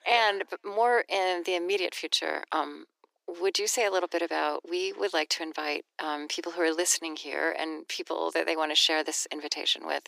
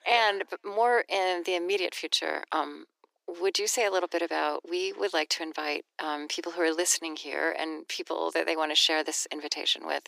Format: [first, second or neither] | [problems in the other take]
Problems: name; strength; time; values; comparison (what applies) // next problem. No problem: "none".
neither | thin; very; fading below 300 Hz; the same in both